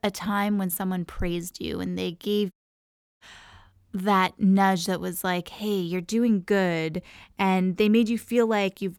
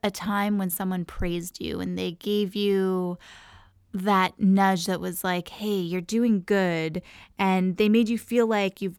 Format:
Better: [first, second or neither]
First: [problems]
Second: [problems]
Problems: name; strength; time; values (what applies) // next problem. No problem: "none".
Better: second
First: audio cutting out; at 2.5 s for 0.5 s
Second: none